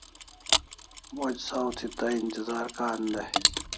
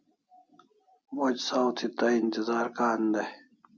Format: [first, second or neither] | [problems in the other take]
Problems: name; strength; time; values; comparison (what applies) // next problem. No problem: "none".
second | background sound (Mechanisms); as loud as the speech